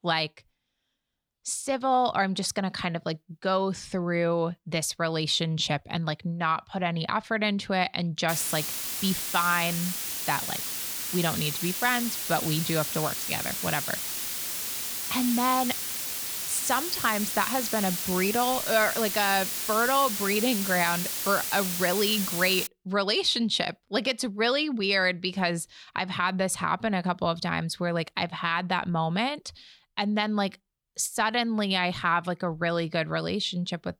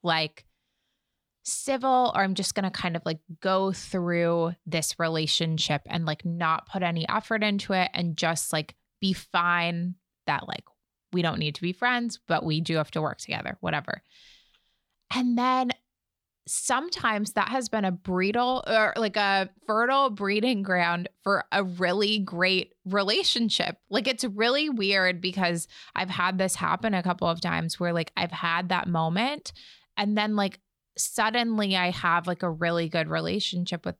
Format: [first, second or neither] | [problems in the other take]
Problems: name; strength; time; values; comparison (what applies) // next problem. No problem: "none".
second | hiss; loud; from 8.5 to 23 s; 1 dB below the speech